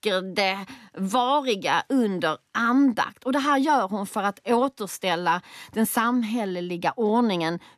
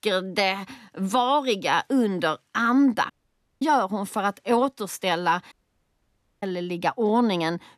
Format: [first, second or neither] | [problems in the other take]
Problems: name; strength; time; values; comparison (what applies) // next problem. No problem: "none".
first | audio cutting out; at 3 s for 0.5 s and at 5.5 s for 1 s